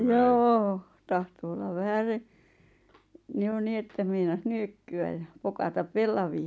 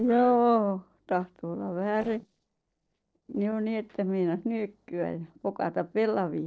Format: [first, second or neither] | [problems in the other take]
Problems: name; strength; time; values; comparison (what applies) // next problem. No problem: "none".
first | noise reduction (neural separator model SepFormer DNS4)